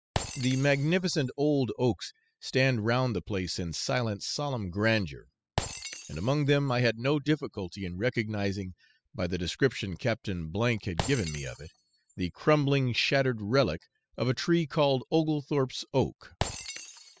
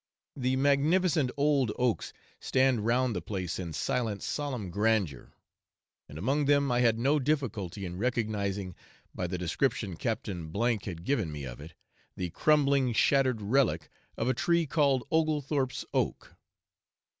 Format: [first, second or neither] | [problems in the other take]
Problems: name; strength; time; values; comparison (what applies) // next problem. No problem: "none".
second | noise reduction (classical method spectral subtraction)